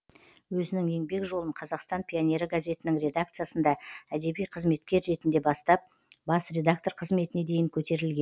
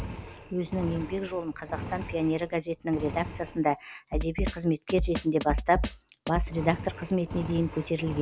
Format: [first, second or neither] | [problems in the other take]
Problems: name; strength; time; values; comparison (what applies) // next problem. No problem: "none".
first | background sound (Engine + Drum kit); 6 dB below the speech